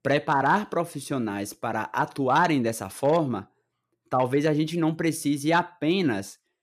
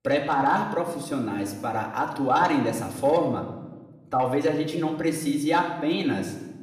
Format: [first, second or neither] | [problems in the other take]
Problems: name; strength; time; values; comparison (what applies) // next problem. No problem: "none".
first | room echo; slight; dies away in 0.9 s // off-mic speech; somewhat distant